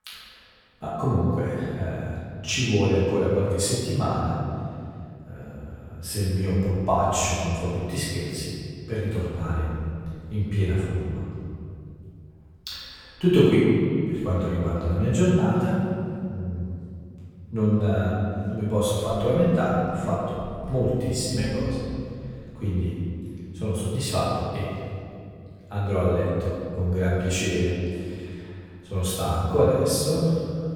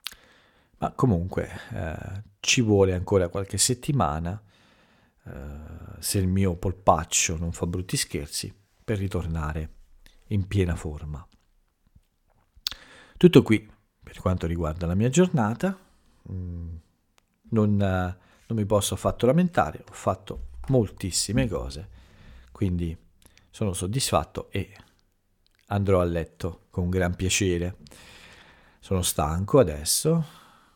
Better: second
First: room echo; strong; dies away in 2.4 s // off-mic speech; far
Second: none

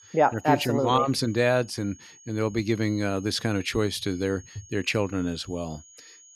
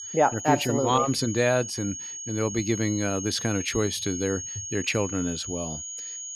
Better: first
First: high-pitched whine; faint; throughout; 6.5 kHz, 25 dB below the speech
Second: high-pitched whine; loud; throughout; 6.5 kHz, 7 dB below the speech

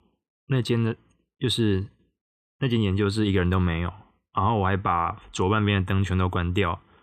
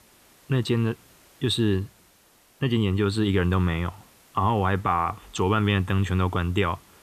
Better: first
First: none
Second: hiss; faint; throughout; 30 dB below the speech

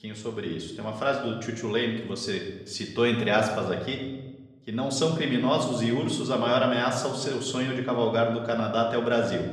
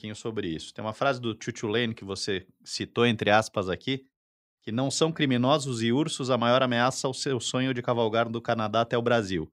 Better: second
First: room echo; slight; dies away in 0.9 s // off-mic speech; somewhat distant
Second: none

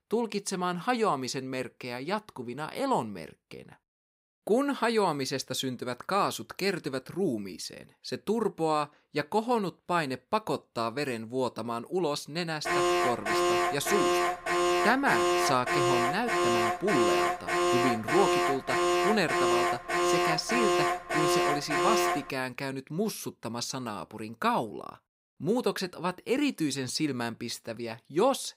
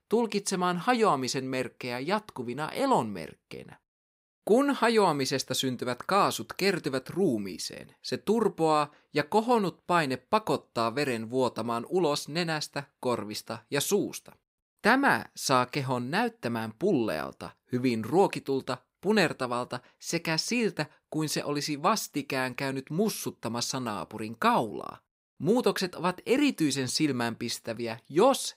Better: second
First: alarm; loud; from 13 to 22 s; peak 6 dB above the speech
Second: none

